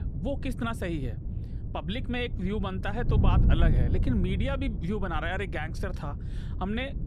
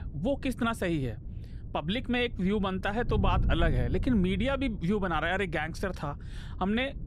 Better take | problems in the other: second | wind noise on the microphone; heavy; 10 dB below the speech; occasional gusts in the second

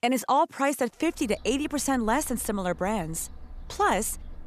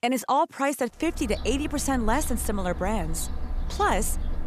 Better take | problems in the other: first | animal sounds; loud; from 1 s on; 9 dB below the speech; faint in the first

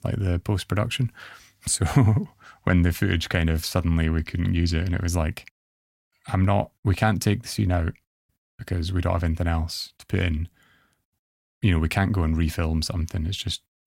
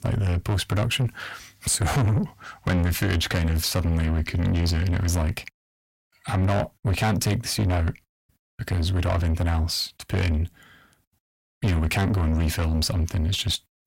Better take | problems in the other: first | distortion; heavy; 7 dB below the speech

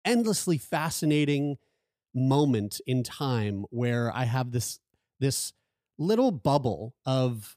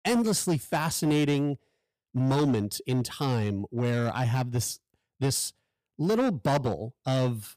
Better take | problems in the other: first | distortion; slight; 8% of the sound clipped

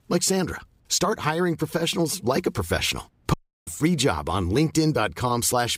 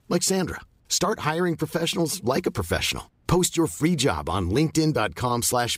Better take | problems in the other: second | audio cutting out; at 3.5 s

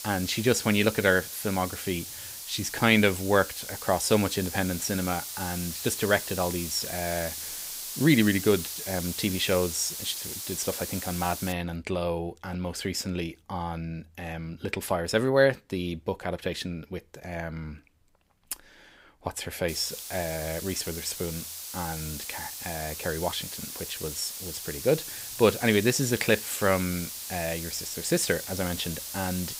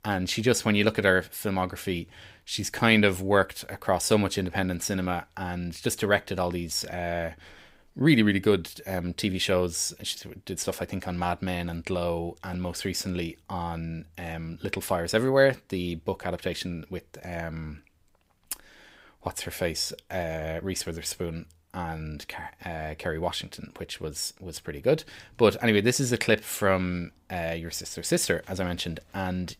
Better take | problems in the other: second | hiss; loud; until 12 s and from 20 s on; 7 dB below the speech

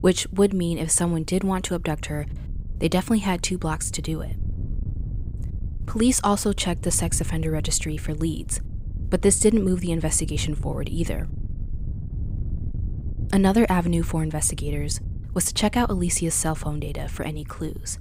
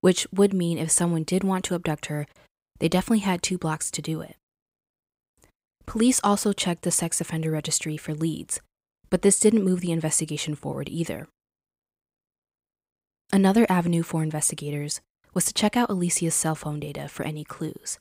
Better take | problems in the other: second | wind noise on the microphone; occasional gusts; 20 dB below the speech

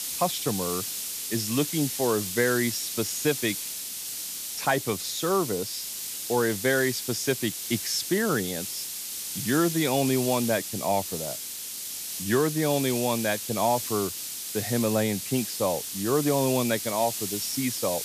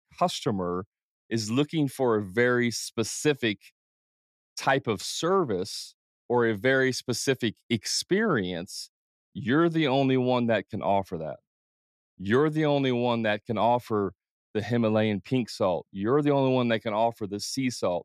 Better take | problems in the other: second | hiss; loud; throughout; 4 dB below the speech

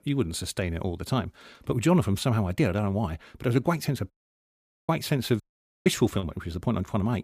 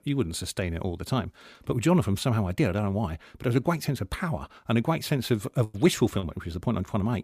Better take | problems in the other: second | audio cutting out; at 4 s for 1 s and at 5.5 s

